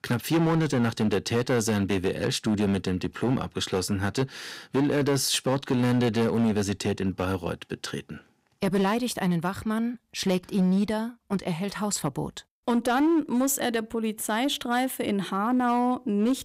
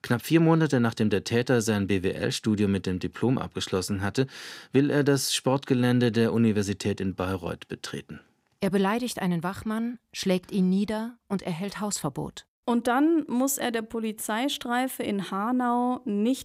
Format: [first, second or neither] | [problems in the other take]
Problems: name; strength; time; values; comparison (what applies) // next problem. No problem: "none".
second | distortion; slight; 8% of the sound clipped